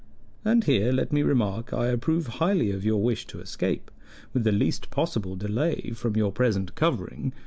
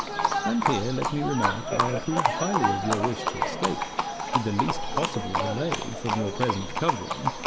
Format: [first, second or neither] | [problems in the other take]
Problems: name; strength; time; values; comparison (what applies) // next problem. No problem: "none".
first | background sound (Livestock, farm animals, working animals); 2 dB above the speech